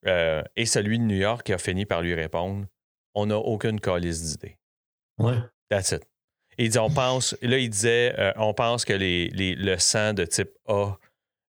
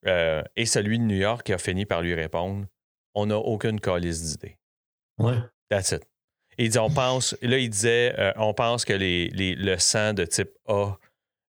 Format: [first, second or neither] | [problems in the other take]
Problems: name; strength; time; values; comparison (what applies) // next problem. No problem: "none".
neither | none